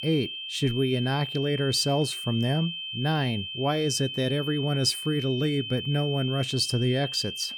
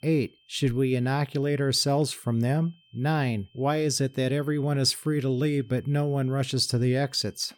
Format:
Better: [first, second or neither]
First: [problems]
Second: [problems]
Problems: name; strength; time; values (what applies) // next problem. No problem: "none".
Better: second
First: high-pitched whine; loud; throughout; 3 kHz, 6 dB below the speech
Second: high-pitched whine; faint; throughout; 3 kHz, 35 dB below the speech